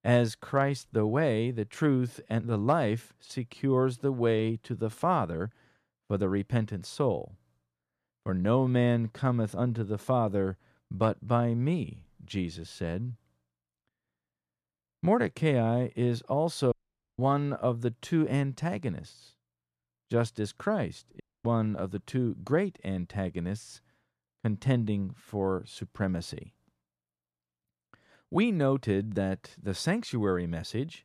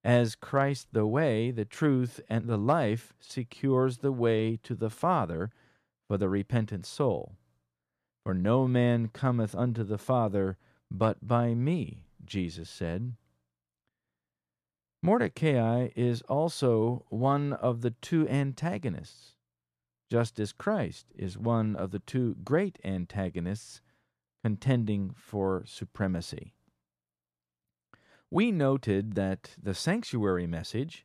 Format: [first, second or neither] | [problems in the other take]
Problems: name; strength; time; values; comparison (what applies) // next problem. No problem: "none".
second | audio cutting out; at 17 s and at 21 s